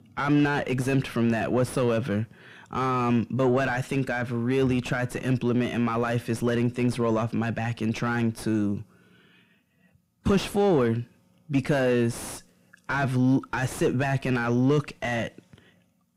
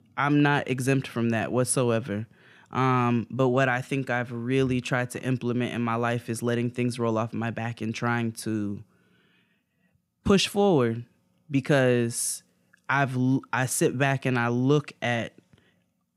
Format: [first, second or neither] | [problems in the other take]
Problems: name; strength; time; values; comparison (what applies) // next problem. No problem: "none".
second | distortion; heavy; 7 dB below the speech